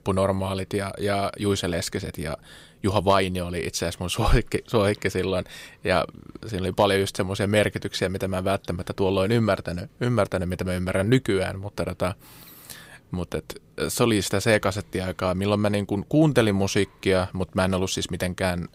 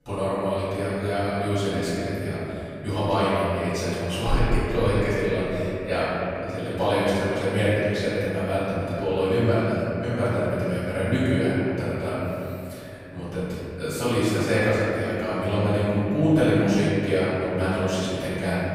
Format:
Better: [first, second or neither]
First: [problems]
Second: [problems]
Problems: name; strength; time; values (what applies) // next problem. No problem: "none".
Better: first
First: none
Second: off-mic speech; far // room echo; strong; dies away in 2.9 s